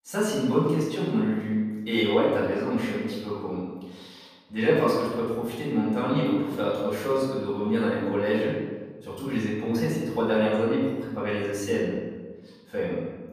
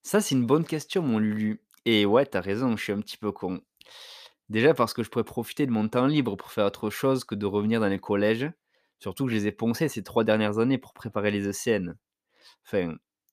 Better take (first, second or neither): second